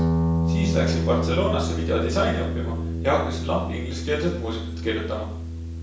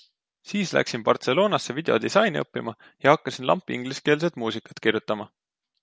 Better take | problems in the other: second | background sound (Guitar); 2 dB above the speech // room echo; dies away in 0.7 s

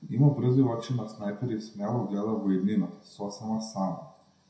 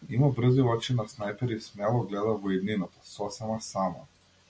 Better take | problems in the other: second | room echo; dies away in 0.6 s

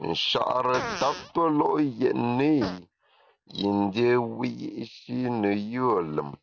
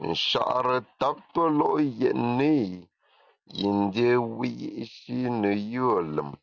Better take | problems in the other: second | background sound (Fart); 16 dB below the speech

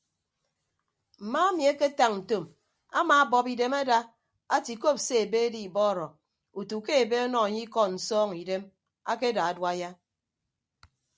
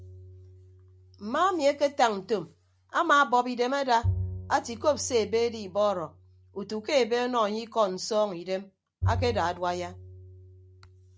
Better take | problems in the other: first | background sound (Bowed string instrument); 11 dB below the speech

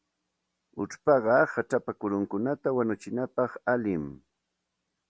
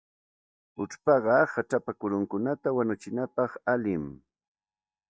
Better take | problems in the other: first | noise reduction (neural mask model DeepFilterNet 3)

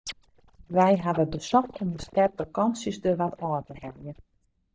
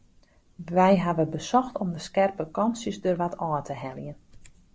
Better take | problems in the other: second | noise reduction (neural mask model DeepFilterNet 3)

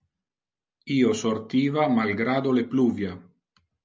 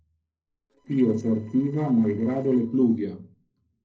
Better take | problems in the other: first | noise reduction (neural separator model SepFormer DNS4)

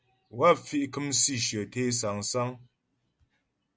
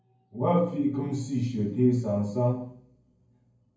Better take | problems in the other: first | room echo; dies away in 0.9 s

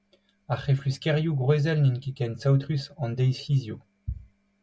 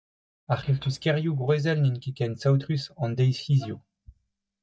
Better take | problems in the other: first | noise reduction (neural mask model DeepFilterNet 3)

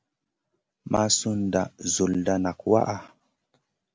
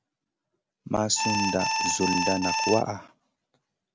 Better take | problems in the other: first | background sound (Alarm); 2 dB above the speech

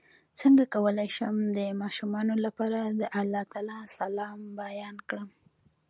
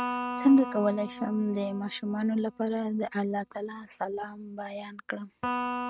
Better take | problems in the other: first | noise reduction (neural mask model RNNoise)

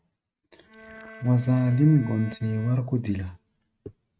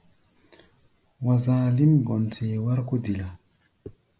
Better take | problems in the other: second | noise reduction (neural mask model RNNoise)

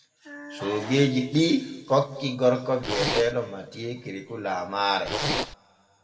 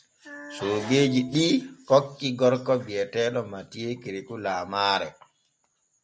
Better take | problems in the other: second | background sound (Zipper (clothing)); 1 dB below the speech // room echo; dies away in 1.9 s

